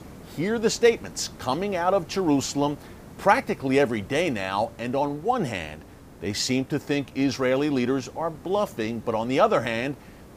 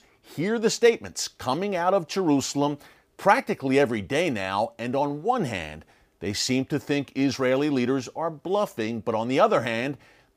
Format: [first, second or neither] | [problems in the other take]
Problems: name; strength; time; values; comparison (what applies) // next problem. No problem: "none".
second | hiss; faint; throughout; 20 dB below the speech